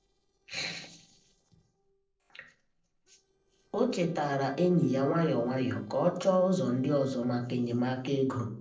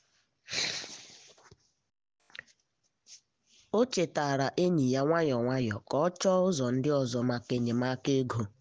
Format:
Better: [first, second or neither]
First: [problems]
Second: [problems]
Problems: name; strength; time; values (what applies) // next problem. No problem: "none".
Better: second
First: noise reduction (neural separator model SepFormer DNS4)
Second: none